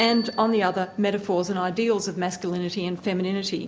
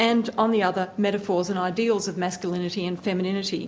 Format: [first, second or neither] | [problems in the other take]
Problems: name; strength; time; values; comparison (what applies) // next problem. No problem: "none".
second | background sound (Bicycle bell); 17 dB below the speech